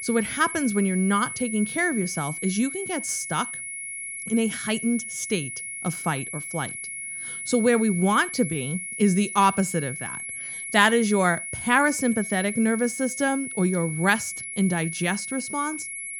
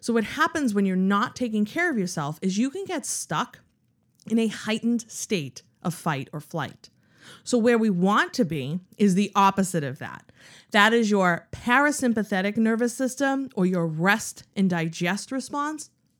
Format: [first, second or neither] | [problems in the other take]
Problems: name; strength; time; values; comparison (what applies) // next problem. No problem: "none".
second | high-pitched whine; loud; throughout; 2 kHz, 7 dB below the speech